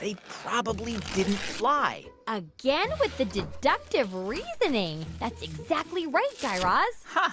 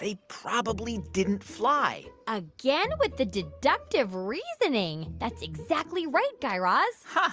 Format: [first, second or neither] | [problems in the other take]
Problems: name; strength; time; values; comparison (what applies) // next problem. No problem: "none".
second | background sound (Tearing + Slam); 14 dB below the speech